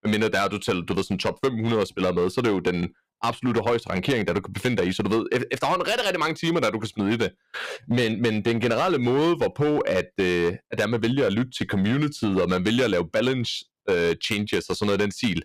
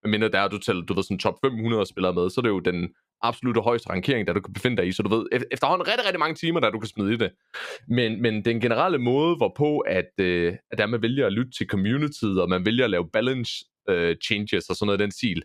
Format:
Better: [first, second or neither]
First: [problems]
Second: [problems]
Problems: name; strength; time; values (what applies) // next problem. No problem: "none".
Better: second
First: distortion; slight; 9% of the sound clipped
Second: none